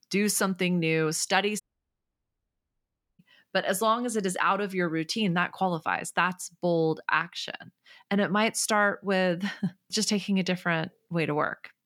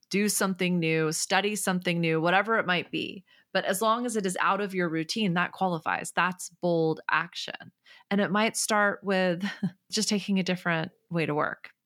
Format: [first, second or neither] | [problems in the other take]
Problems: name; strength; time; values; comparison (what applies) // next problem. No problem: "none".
second | audio cutting out; at 1.5 s for 1.5 s